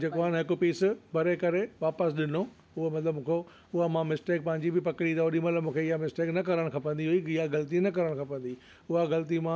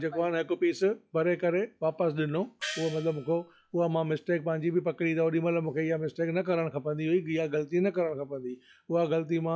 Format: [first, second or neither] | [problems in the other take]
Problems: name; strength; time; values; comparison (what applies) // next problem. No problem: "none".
first | noise reduction (classical method log-MMSE)